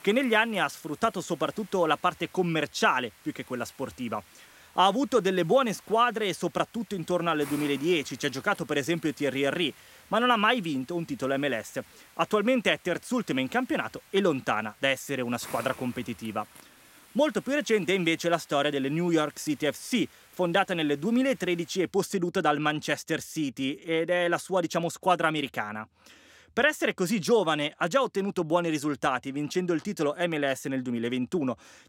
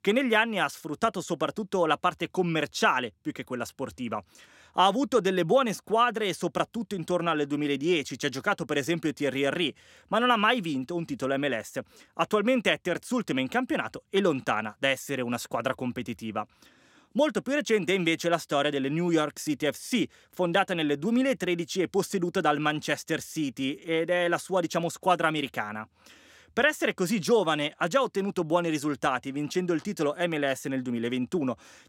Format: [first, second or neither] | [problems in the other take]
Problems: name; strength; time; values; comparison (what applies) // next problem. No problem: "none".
second | hiss; faint; until 22 s; 25 dB below the speech